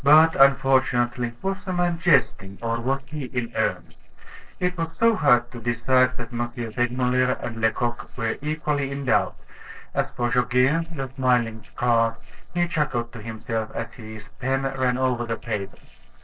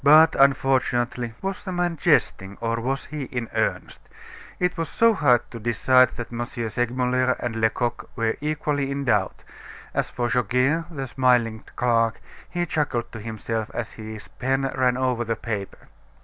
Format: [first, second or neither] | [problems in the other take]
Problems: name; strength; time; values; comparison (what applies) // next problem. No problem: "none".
second | noise reduction (neural separator model SepFormer DNS4)